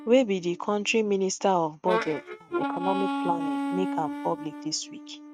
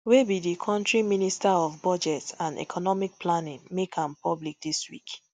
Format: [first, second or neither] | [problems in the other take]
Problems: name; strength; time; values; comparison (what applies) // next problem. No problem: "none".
second | noise reduction (neural mask model RNNoise)